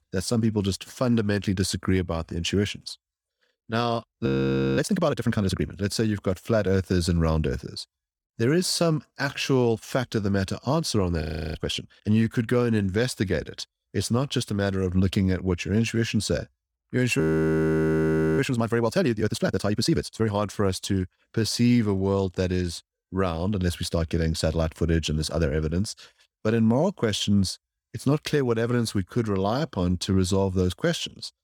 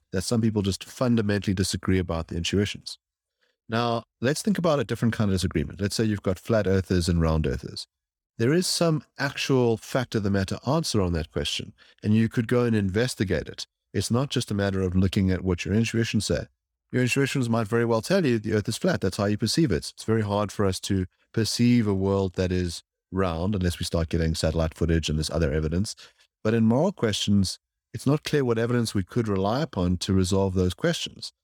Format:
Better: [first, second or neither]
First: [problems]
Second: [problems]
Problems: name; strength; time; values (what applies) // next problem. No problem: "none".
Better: second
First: audio freezing; at 4.5 s for 0.5 s, at 11 s and at 17 s for 1 s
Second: none